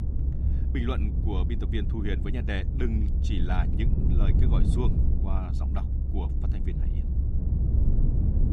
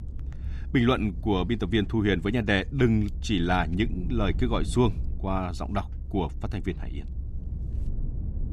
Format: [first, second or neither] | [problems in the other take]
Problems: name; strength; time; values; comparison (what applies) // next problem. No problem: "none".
second | low rumble; loud; throughout; 3 dB below the speech; faint in the second